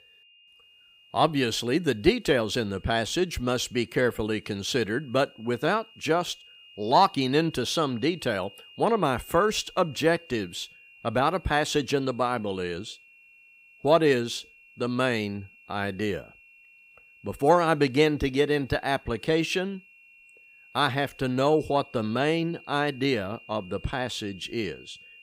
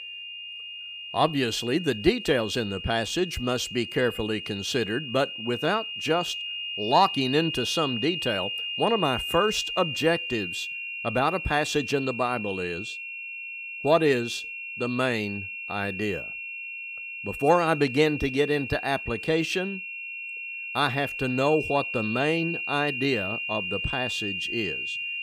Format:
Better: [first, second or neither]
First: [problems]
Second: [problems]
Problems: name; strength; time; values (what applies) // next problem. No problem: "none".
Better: first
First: high-pitched whine; faint; throughout; 3 kHz, 25 dB below the speech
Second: high-pitched whine; loud; throughout; 3 kHz, 5 dB below the speech